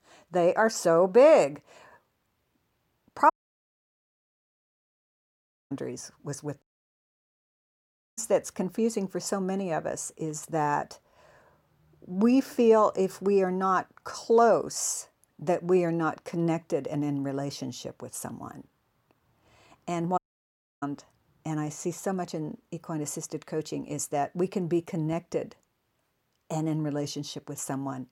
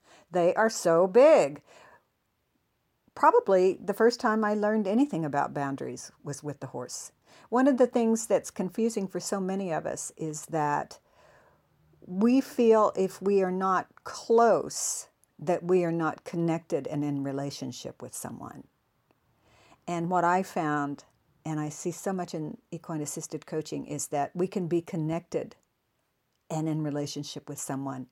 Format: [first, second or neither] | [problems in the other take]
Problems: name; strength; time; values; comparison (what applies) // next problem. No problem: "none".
second | audio cutting out; at 3.5 s for 2.5 s, at 6.5 s for 1.5 s and at 20 s for 0.5 s